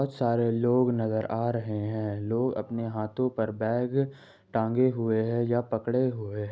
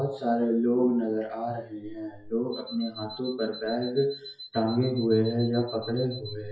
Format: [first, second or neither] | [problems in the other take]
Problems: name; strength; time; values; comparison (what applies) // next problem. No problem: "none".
first | noise reduction (classical method WPE with log-MMSE)